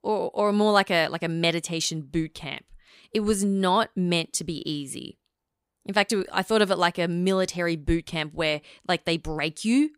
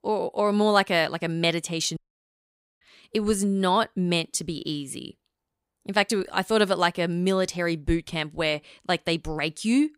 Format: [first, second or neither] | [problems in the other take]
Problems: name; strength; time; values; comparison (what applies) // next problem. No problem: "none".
first | audio cutting out; at 2 s for 1 s